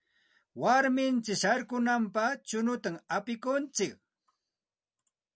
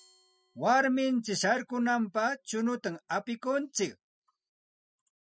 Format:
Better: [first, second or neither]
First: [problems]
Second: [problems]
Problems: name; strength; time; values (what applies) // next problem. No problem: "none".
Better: first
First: none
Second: noise reduction (classical method spectral subtraction)